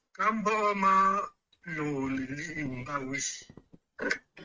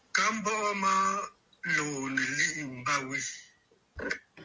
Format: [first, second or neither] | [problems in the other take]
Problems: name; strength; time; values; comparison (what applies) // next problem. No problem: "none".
second | noise reduction (neural mask model RNNoise)